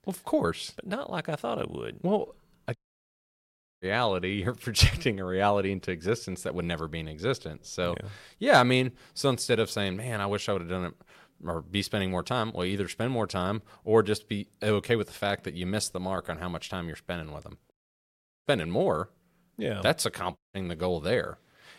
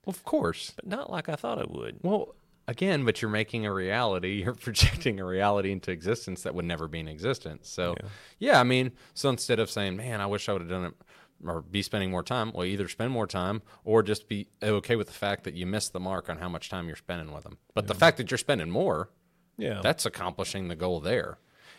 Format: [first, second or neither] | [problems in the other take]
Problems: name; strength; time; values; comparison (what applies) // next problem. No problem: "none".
second | audio cutting out; at 3 s for 1 s, at 18 s for 0.5 s and at 20 s